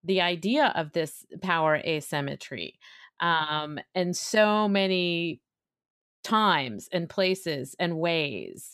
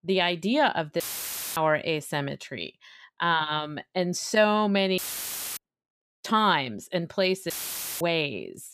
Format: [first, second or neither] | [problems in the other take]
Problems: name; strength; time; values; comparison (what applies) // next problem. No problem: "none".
first | audio cutting out; filled with static; at 1 s for 0.5 s, at 5 s for 0.5 s and at 7.5 s for 0.5 s